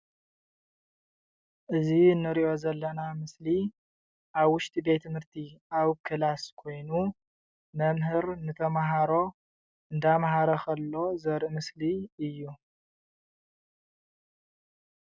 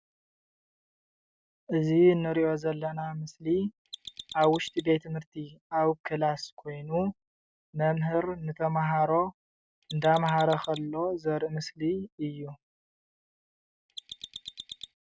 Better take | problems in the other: first | background sound (Mechanisms); 15 dB below the speech

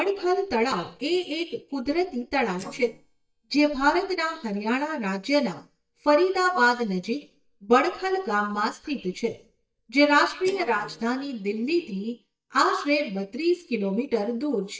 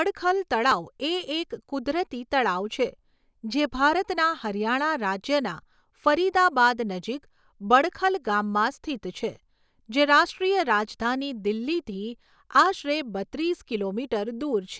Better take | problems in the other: second | noise reduction (neural mask model DeepFilterNet 3)

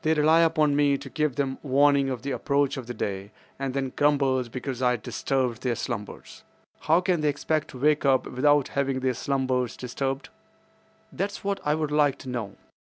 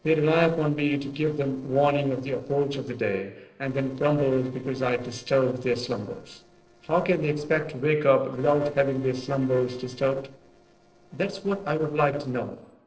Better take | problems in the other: first | noise reduction (neural separator model SepFormer DNS4)

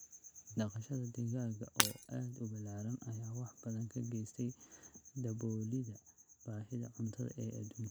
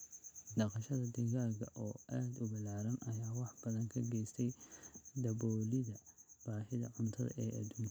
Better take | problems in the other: second | background sound (Shatter); 1 dB above the speech

